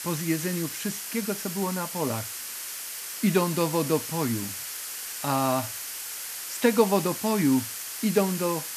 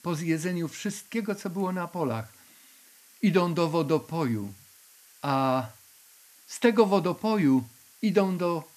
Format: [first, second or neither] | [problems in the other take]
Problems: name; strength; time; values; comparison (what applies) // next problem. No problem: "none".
second | hiss; loud; throughout; 6 dB below the speech; faint in the second